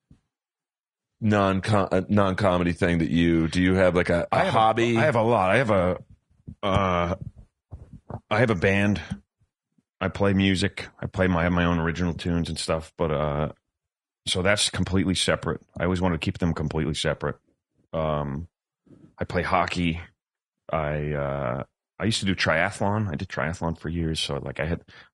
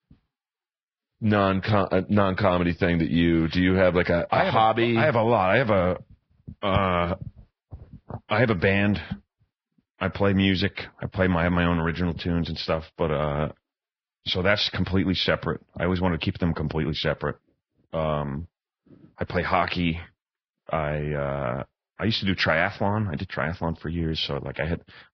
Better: first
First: garbled, watery; slightly; nothing above 10 kHz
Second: garbled, watery; badly; nothing above 5 kHz

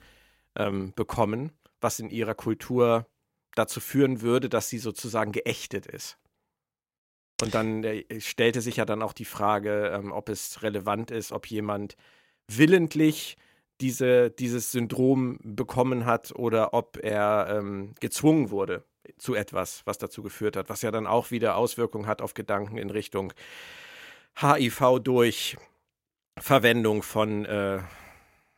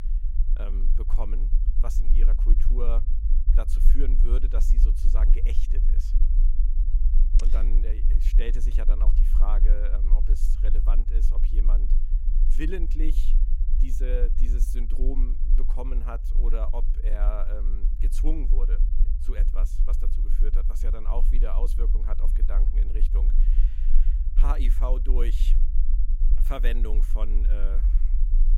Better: first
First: none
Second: low rumble; loud; throughout; 9 dB below the speech

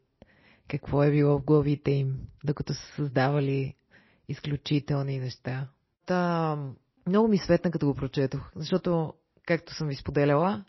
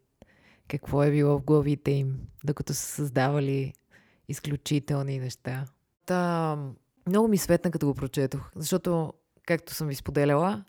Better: second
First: garbled, watery; slightly; nothing above 5.5 kHz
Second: none

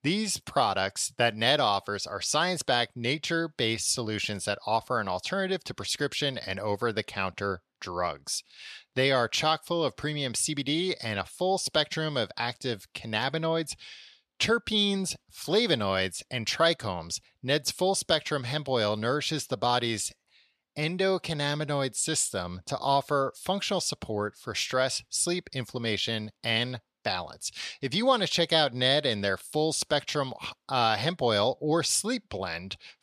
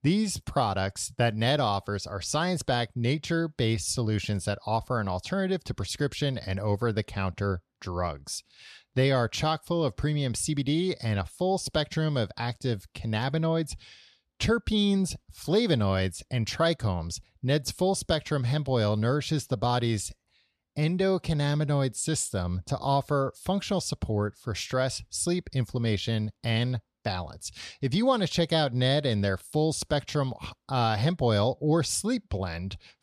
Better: second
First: thin; somewhat; fading below 450 Hz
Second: none

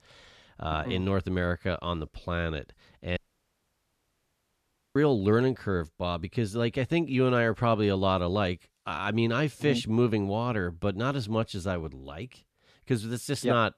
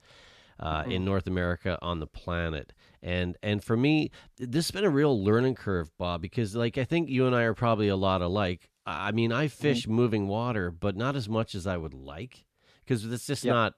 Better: second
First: audio cutting out; at 3 s for 2 s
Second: none

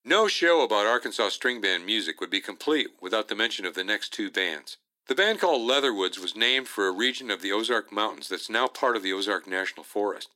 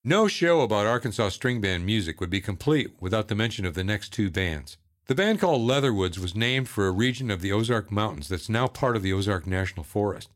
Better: second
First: thin; somewhat; fading below 300 Hz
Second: none

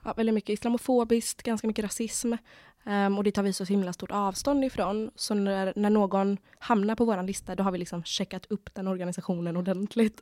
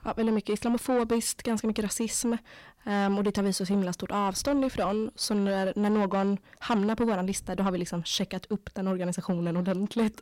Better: first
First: none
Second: distortion; slight; 10 dB below the speech

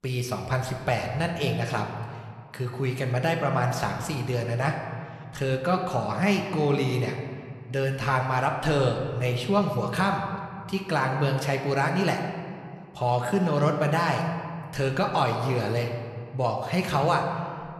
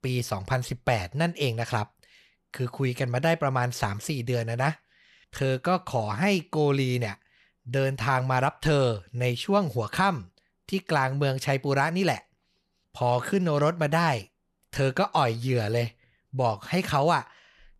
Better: second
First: room echo; slight; dies away in 1.7 s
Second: none

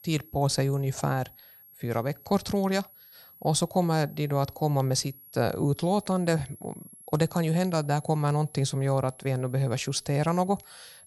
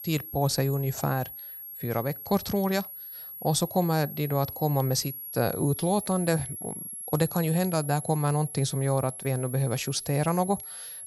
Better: first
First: high-pitched whine; faint; throughout; 11.5 kHz, 20 dB below the speech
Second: high-pitched whine; loud; throughout; 11.5 kHz, 9 dB below the speech

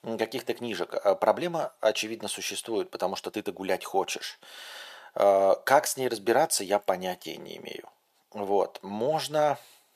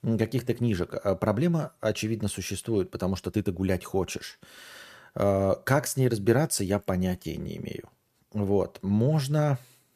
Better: second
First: thin; very; fading below 400 Hz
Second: none

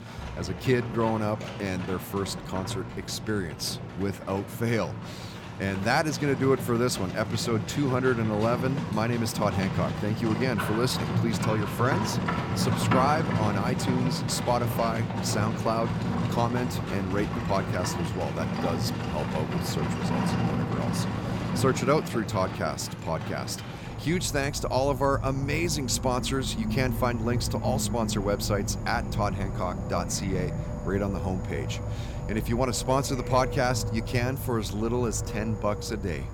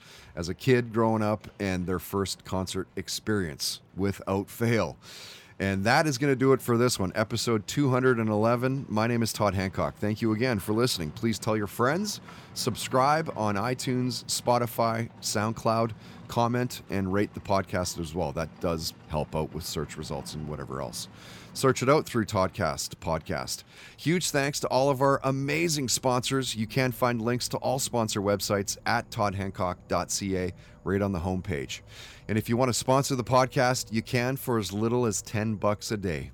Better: second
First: animal sounds; loud; throughout; 3 dB below the speech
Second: animal sounds; faint; throughout; 25 dB below the speech

